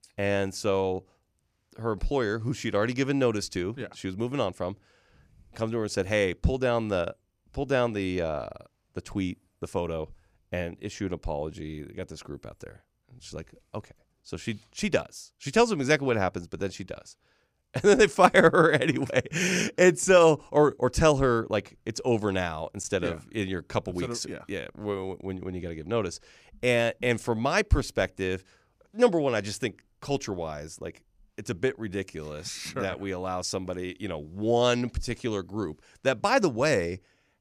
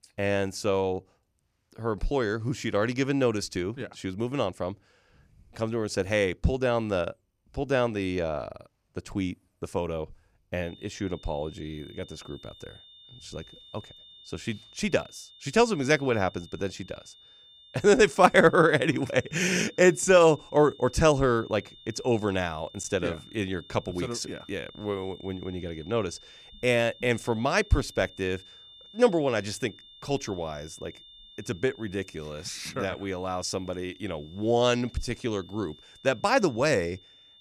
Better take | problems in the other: first | high-pitched whine; faint; from 11 s on; 3.5 kHz, 20 dB below the speech

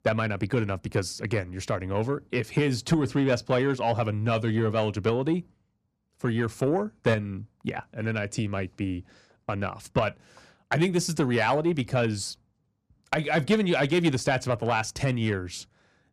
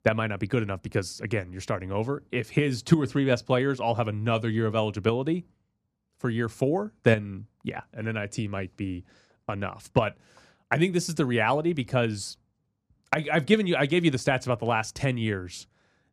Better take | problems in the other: second | distortion; slight; 10 dB below the speech

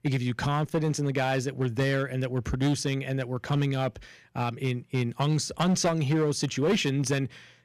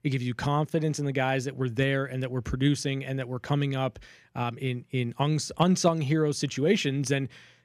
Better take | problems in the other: second | distortion; slight; 7% of the sound clipped

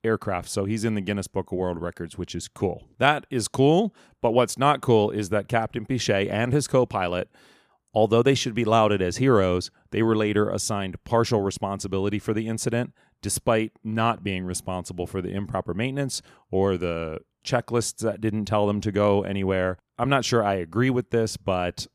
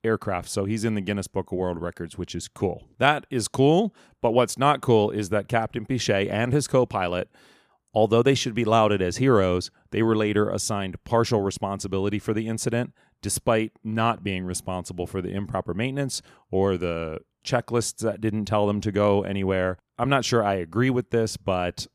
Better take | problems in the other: neither | none

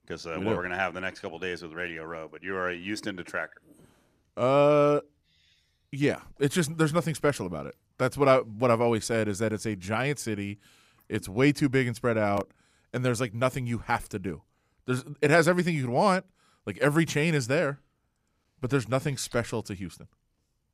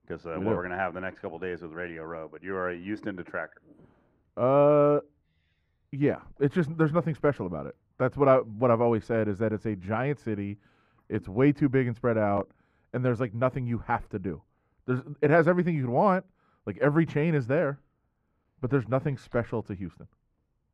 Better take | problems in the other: first | muffled; very; fading above 3 kHz

